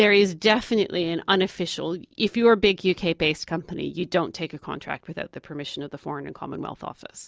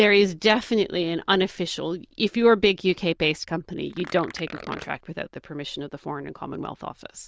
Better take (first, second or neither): first